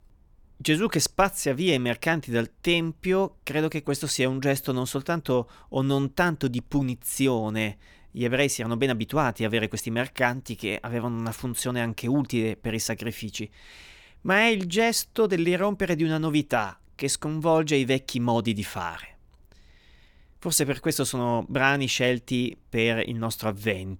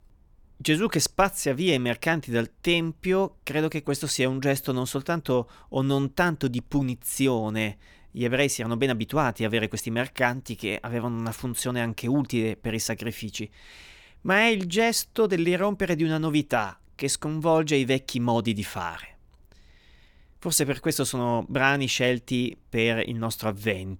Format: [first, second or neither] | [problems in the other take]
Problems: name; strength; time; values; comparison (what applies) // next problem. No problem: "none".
neither | none